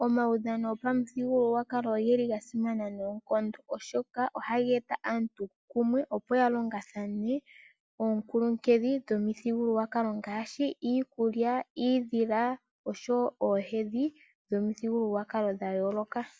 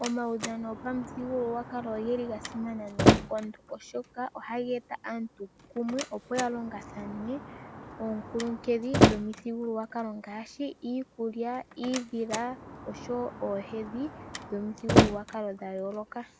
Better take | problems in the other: first | background sound (Slam); 2 dB above the speech

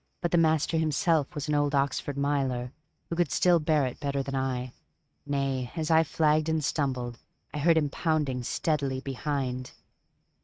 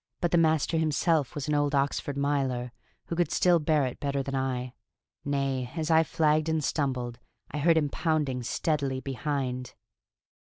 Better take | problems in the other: second | noise reduction (neural mask model RNNoise)

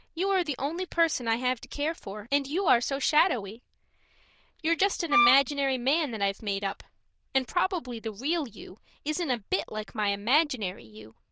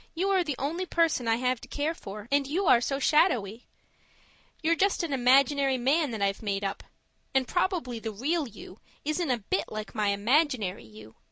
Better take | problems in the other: second | noise reduction (neural diffusion model UNIVERSE++)

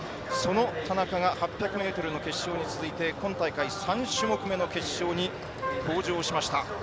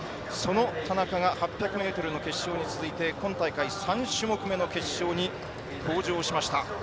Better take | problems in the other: second | background sound (Wind instrument, woodwind instrument); 7 dB below the speech

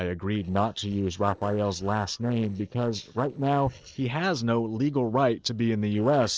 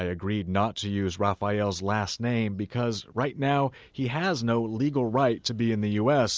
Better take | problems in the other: second | noise reduction (neural separator model SepFormer DNS4)

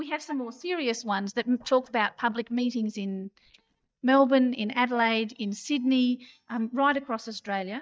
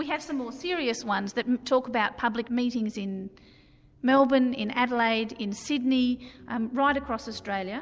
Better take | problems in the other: second | noise reduction (neural mask model DeepFilterNet 3)

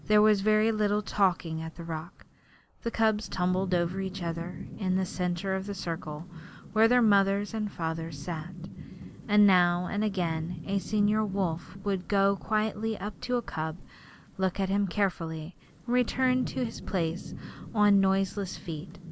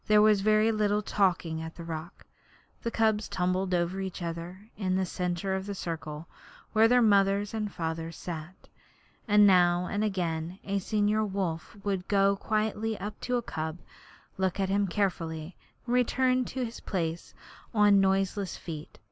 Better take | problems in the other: second | background sound (Rain / Thunderstorm); 14 dB below the speech

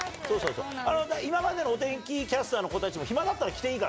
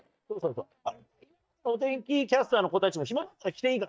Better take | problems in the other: first | noise reduction (neural mask model DeepFilterNet 3)

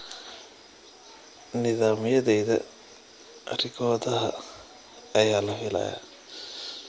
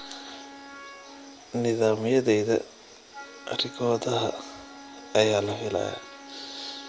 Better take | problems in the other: first | background sound (Wind instrument, woodwind instrument); 19 dB below the speech

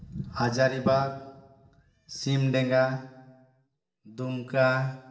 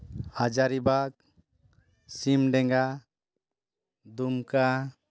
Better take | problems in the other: second | room echo; dies away in 1.1 s

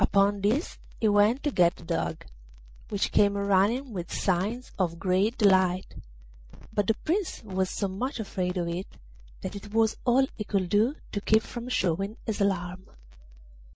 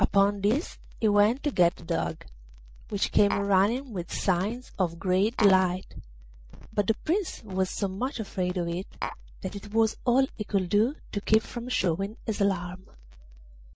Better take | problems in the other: first | background sound (Tap); 8 dB below the speech

